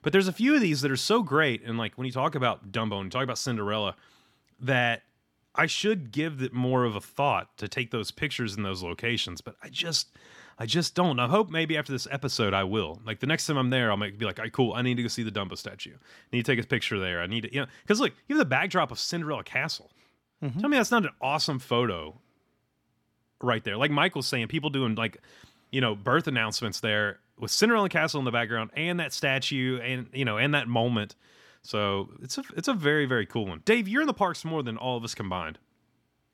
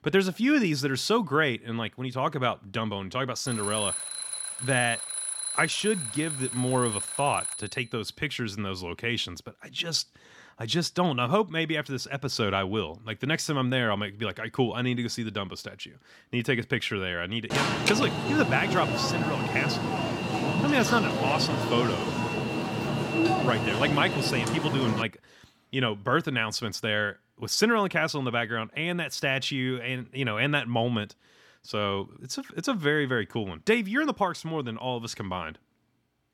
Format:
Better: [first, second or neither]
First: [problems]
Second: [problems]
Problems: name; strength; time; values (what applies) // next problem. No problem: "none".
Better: first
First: none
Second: alarm; noticeable; from 3.5 to 7.5 s; peak 1 dB below the speech // alarm; loud; from 18 to 25 s; peak 3 dB above the speech